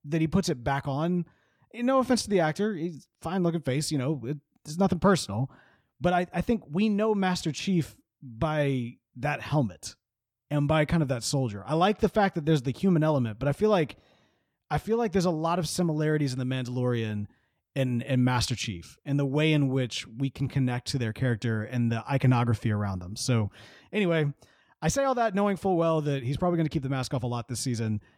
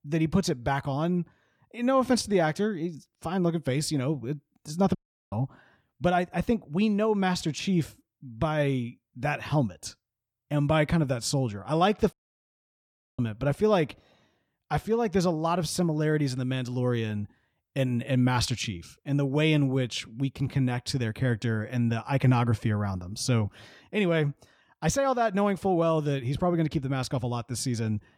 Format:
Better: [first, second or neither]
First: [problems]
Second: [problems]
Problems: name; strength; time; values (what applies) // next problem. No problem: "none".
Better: first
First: none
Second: audio cutting out; at 5 s and at 12 s for 1 s